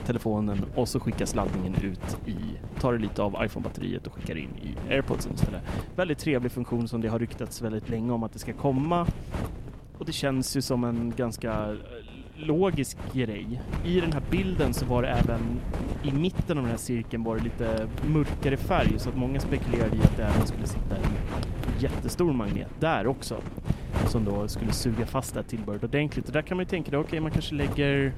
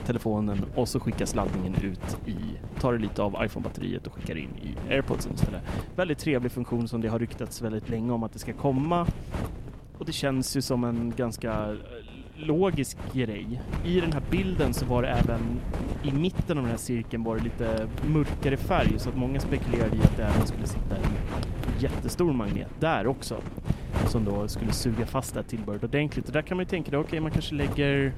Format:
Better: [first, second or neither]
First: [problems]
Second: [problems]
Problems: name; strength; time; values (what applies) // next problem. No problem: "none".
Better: neither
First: wind noise on the microphone; heavy; 8 dB below the speech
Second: wind noise on the microphone; heavy; 8 dB below the speech